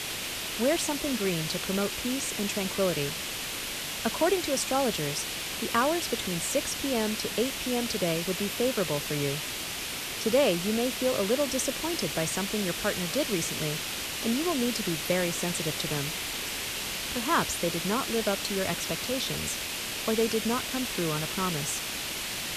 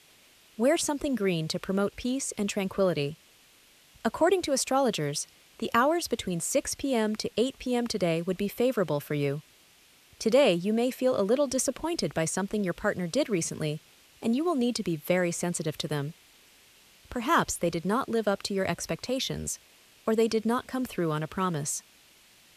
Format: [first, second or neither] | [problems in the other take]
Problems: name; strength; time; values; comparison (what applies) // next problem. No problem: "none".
second | hiss; loud; throughout; 1 dB below the speech; faint in the second